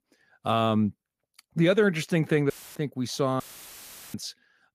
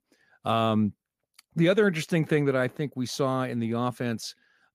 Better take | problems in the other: second | audio cutting out; filled with static; at 2.5 s and at 3.5 s for 0.5 s

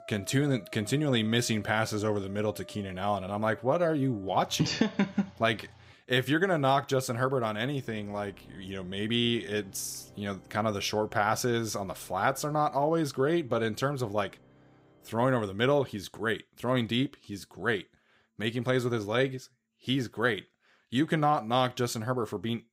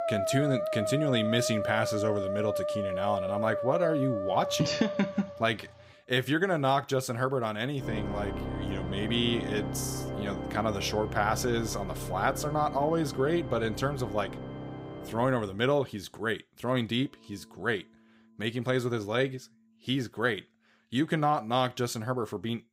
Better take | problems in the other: first | background music; loud; throughout; 5 dB below the speech; faint in the first

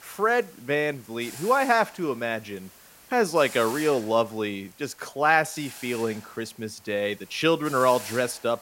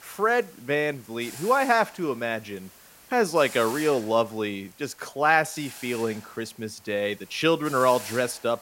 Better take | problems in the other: neither | hiss; noticeable; throughout; 15 dB below the speech; the same in both

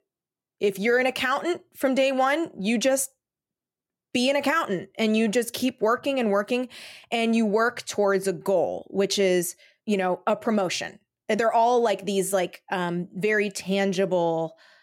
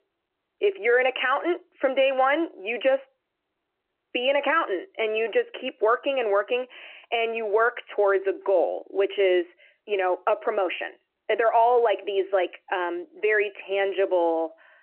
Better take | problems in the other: first | phone-call audio; nothing above 3 kHz

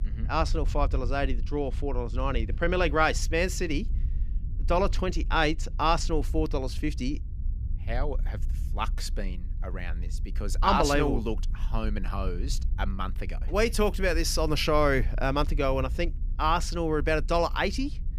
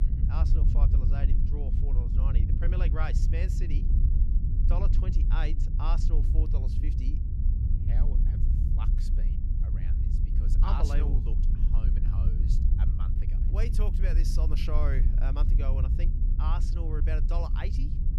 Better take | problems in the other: first | low rumble; loud; throughout; 4 dB below the speech; faint in the first

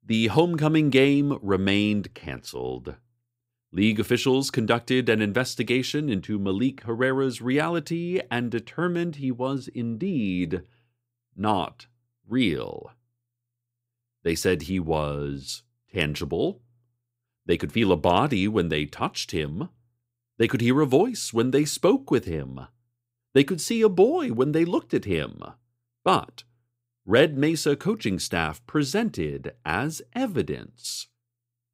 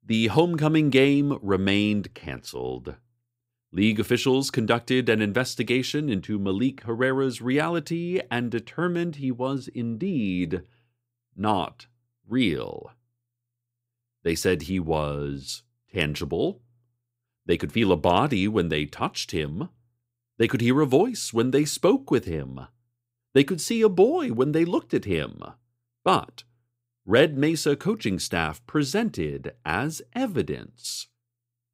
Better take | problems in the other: neither | none

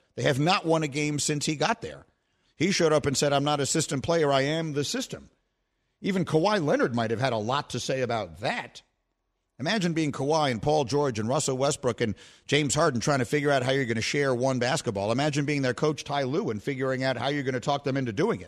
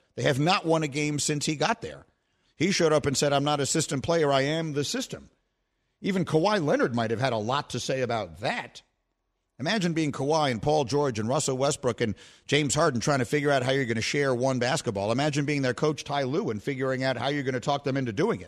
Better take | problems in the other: neither | none

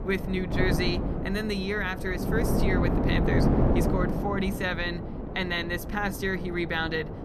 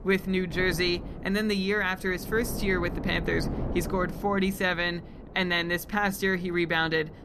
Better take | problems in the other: second | wind noise on the microphone; heavy; 3 dB below the speech; occasional gusts in the second

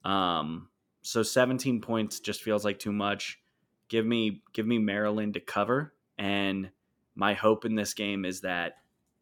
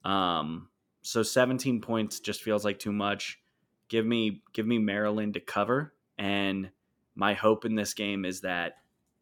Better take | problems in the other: neither | none

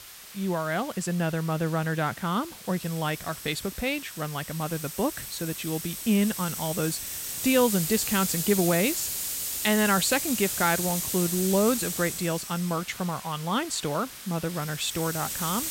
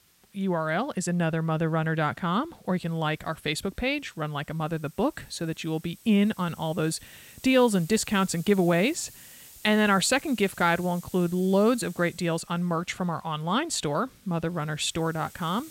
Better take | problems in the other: second | hiss; loud; throughout; 4 dB below the speech; faint in the second

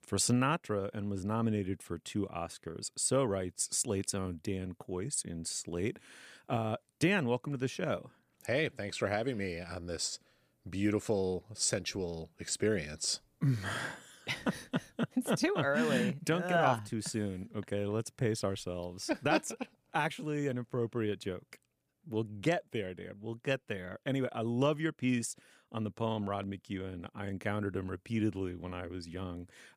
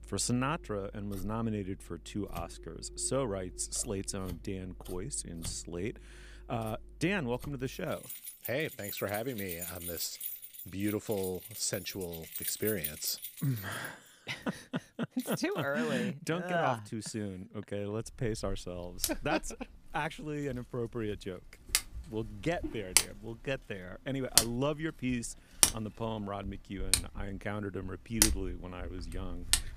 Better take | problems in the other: first | household noises; very loud; throughout; 3 dB above the speech

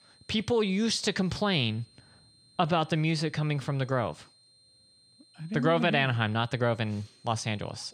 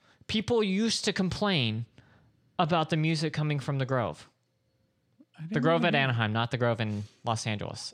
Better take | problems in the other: second | high-pitched whine; faint; throughout; 4 kHz, 30 dB below the speech

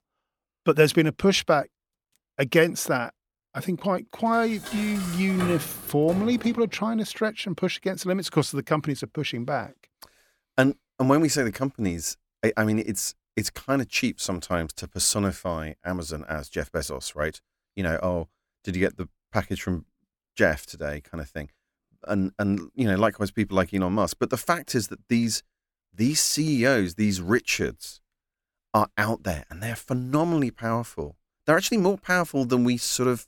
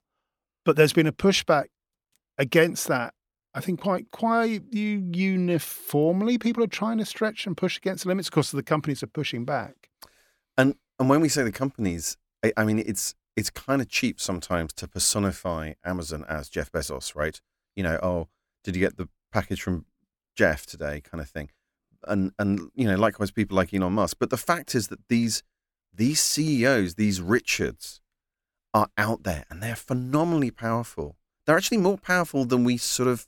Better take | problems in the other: second | clattering dishes; noticeable; from 4.5 to 6.5 s; peak 7 dB below the speech

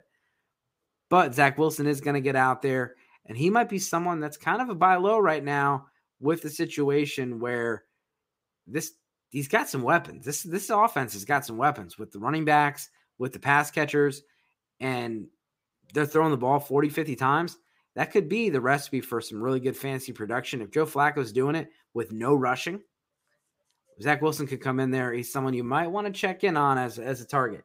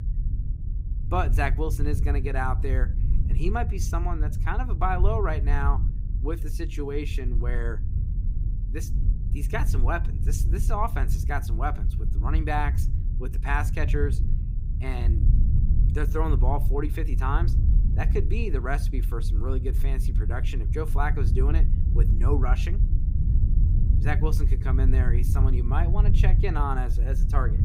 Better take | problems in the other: first | low rumble; noticeable; throughout; 10 dB below the speech

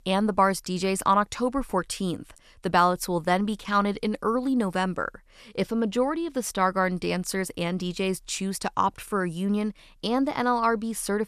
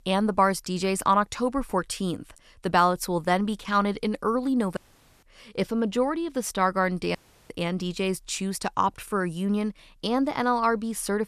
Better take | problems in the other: first | audio cutting out; at 5 s and at 7 s

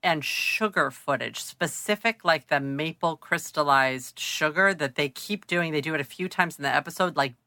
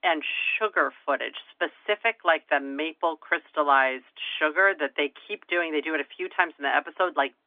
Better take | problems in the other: first | phone-call audio; nothing above 3 kHz

